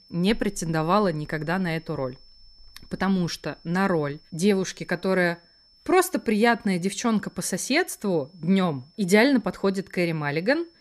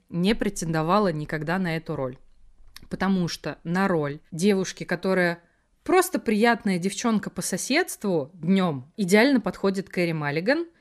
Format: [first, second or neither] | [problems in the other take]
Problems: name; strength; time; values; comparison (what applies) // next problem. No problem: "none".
second | high-pitched whine; faint; throughout; 5.5 kHz, 30 dB below the speech